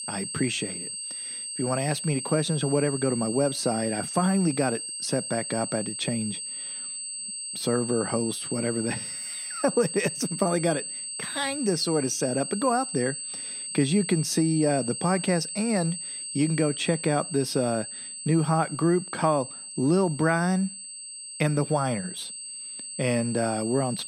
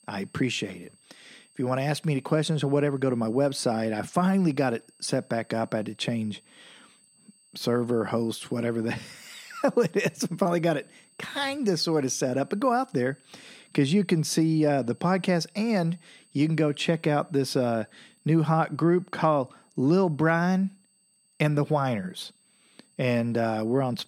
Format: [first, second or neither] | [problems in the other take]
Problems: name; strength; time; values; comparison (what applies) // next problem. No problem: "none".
second | high-pitched whine; loud; throughout; 8 kHz, 6 dB below the speech; faint in the second